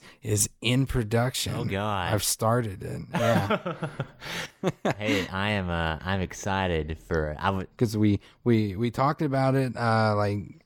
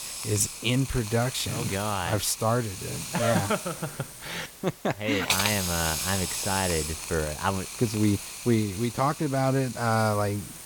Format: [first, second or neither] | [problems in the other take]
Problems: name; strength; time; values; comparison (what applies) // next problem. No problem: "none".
first | hiss; loud; throughout; 5 dB below the speech